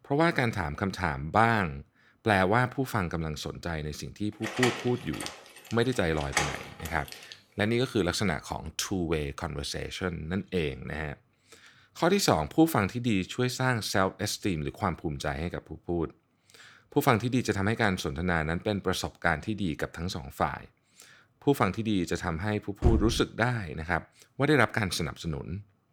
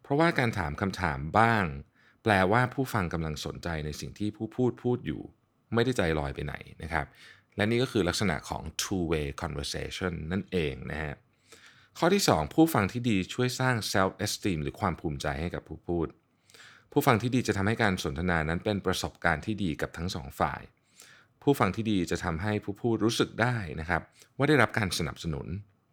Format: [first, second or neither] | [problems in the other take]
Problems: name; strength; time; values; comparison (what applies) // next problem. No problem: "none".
second | door banging; noticeable; from 4.5 to 7.5 s; peak level with the speech // door banging; loud; at 23 s; peak 1 dB above the speech